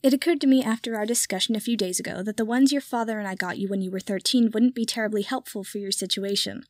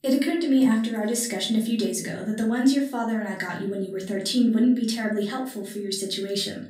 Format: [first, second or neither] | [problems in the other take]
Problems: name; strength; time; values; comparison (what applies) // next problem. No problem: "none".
first | room echo; slight; dies away in 0.4 s // off-mic speech; far